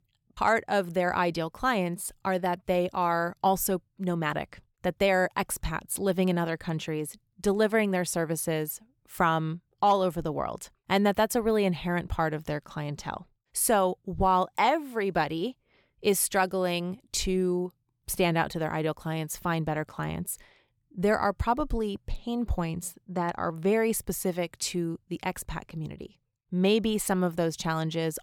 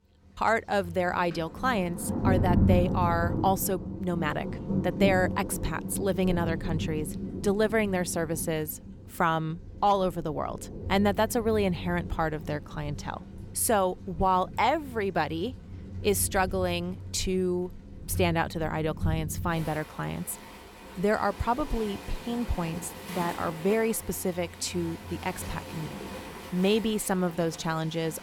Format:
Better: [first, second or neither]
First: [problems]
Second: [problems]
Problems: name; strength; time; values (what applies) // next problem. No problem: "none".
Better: first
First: none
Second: rain or running water; loud; throughout; 6 dB below the speech